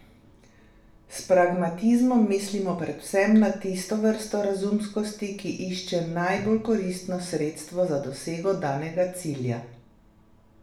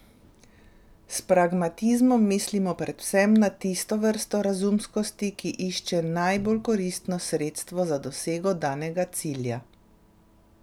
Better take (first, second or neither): second